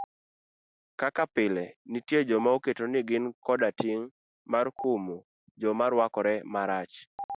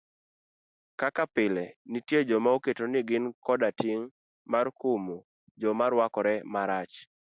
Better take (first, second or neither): second